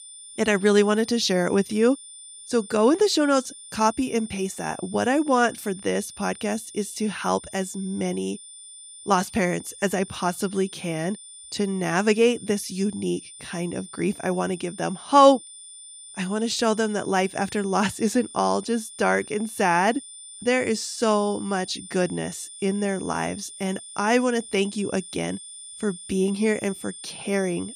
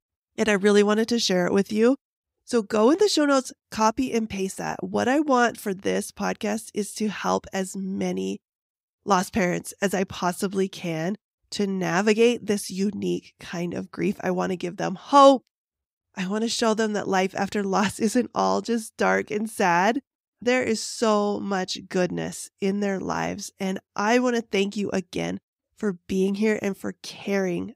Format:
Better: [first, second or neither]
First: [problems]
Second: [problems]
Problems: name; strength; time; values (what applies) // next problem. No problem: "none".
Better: second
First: high-pitched whine; noticeable; throughout; 9 kHz, 15 dB below the speech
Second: none